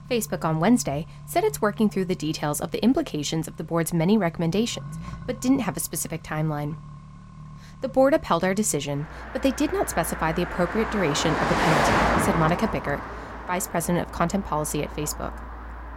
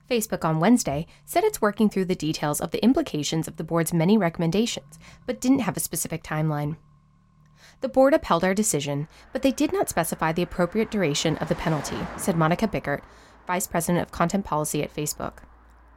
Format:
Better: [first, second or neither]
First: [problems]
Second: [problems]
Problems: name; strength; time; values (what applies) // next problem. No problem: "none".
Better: second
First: traffic noise; loud; throughout; 4 dB below the speech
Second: traffic noise; faint; throughout; 20 dB below the speech